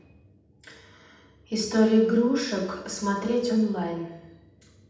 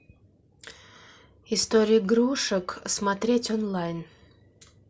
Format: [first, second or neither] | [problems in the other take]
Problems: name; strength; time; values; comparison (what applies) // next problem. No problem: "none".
second | room echo; dies away in 0.8 s